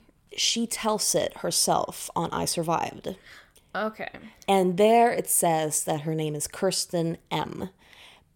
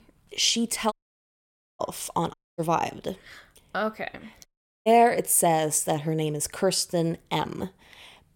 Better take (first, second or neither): first